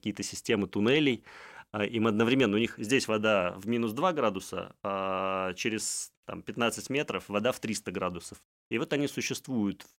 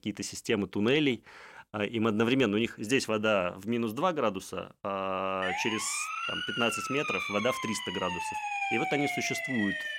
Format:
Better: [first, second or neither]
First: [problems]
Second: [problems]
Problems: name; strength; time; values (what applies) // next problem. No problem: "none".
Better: first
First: none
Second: siren; loud; from 5.5 s on; peak level with the speech